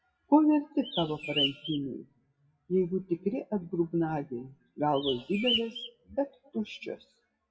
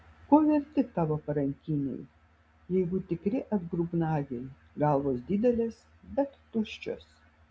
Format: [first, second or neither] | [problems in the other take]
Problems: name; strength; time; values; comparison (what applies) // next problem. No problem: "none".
second | noise reduction (classical method WPE with log-MMSE)